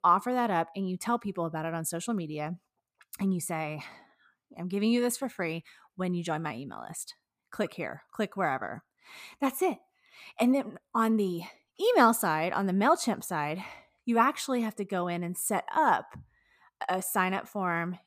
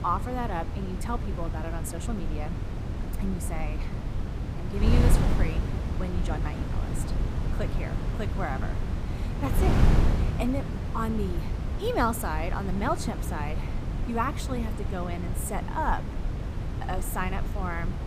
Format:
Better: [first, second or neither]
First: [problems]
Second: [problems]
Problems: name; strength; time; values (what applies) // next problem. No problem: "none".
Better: first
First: none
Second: wind noise on the microphone; heavy; 6 dB below the speech